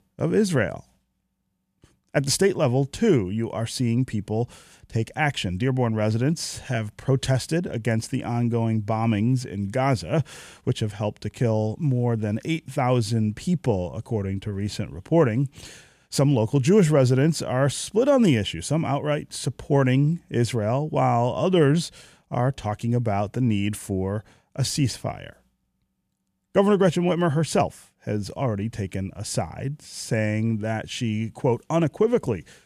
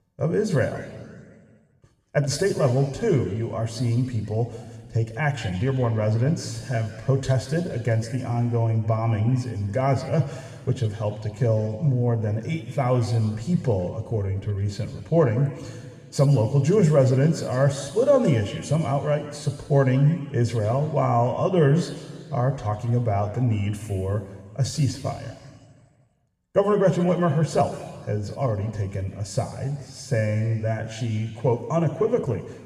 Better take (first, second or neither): first